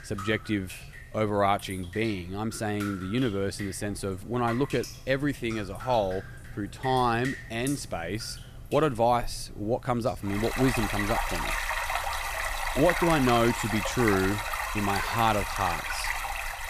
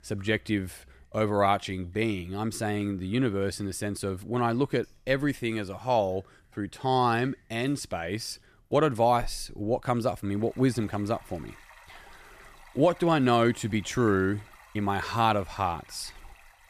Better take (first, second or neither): second